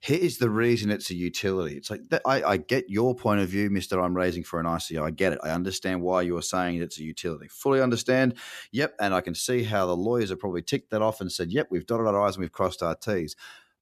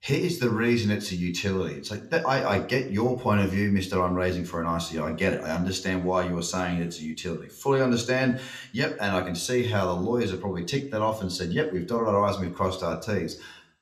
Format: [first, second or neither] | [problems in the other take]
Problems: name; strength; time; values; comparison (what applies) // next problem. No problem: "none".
first | room echo; very slight; dies away in 0.4 s